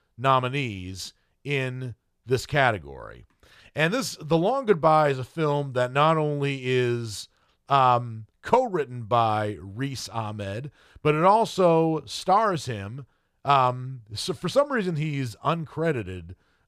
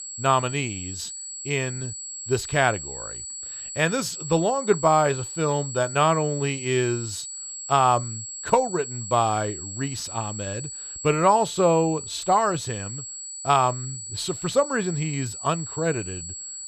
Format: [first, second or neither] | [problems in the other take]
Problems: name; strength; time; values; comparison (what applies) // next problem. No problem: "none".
first | high-pitched whine; loud; throughout; 8 kHz, 9 dB below the speech